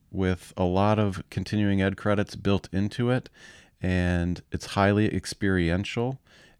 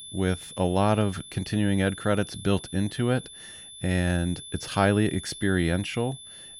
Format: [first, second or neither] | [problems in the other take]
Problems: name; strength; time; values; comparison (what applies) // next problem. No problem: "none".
first | high-pitched whine; noticeable; throughout; 3.5 kHz, 15 dB below the speech